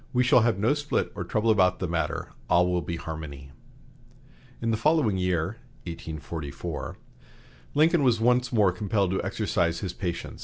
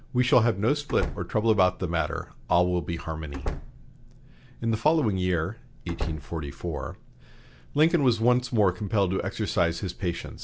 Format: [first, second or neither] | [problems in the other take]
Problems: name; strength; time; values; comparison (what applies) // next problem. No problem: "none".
first | background sound (Slam); 9 dB below the speech